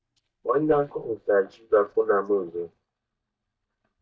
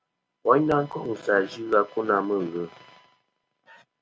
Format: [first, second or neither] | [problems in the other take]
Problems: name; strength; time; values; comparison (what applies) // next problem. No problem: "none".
second | noise reduction (neural mask model DeepFilterNet 3)